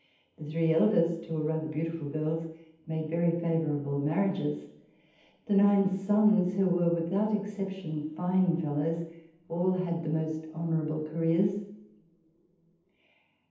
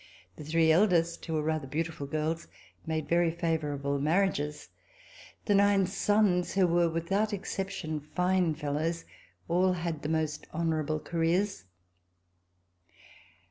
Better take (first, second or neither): second